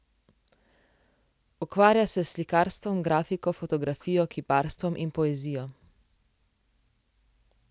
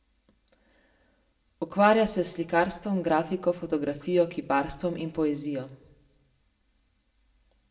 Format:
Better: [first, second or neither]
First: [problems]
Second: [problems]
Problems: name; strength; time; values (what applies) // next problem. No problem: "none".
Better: first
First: none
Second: room echo; dies away in 0.6 s